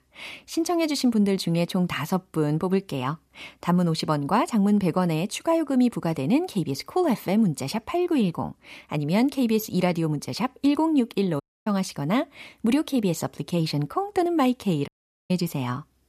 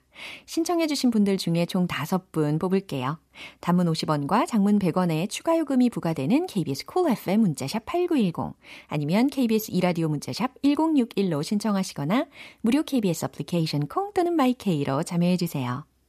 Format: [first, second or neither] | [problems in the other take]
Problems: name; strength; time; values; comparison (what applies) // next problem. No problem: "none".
second | audio cutting out; at 11 s and at 15 s